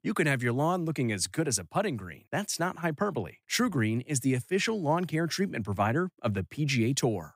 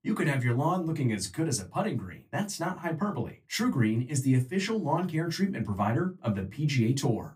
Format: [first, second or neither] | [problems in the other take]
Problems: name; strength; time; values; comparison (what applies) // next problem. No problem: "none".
first | off-mic speech; somewhat distant // room echo; very slight; dies away in 0.2 s